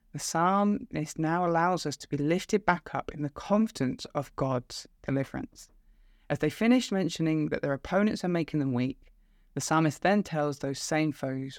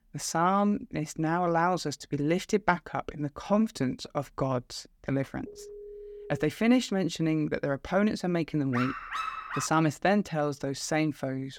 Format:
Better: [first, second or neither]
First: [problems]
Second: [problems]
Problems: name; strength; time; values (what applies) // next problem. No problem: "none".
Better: first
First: none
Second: phone ringing; faint; at 5.5 s; peak 15 dB below the speech // dog barking; noticeable; at 8.5 s; peak 5 dB below the speech